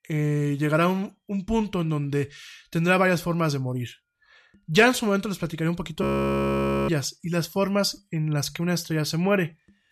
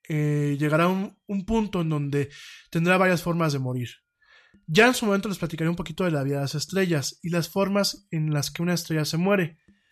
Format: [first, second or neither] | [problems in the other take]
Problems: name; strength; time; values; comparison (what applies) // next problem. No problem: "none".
second | audio freezing; at 6 s for 1 s